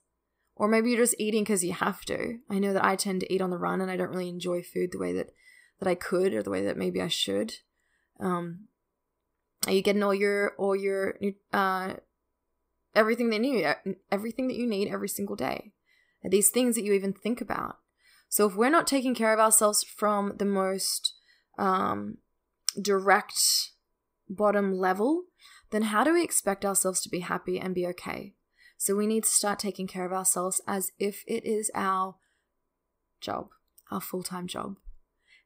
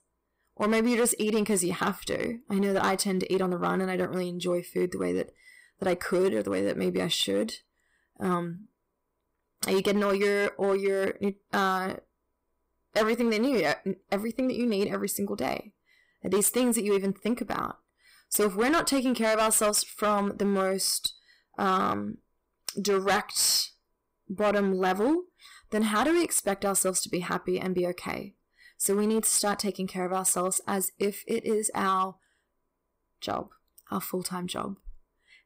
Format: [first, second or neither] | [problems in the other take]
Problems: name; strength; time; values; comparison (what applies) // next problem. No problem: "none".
first | distortion; slight; 6% of the sound clipped